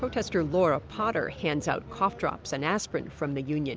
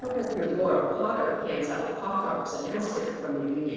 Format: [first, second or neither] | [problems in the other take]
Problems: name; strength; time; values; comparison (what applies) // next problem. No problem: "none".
first | noise reduction (neural separator model SepFormer DNS4)